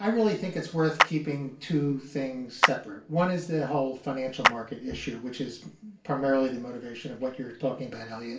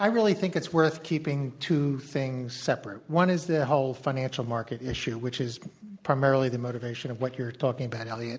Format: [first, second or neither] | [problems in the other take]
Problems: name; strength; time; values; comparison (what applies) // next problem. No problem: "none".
second | background sound (Clapping); 1 dB below the speech // room echo; dies away in 0.3 s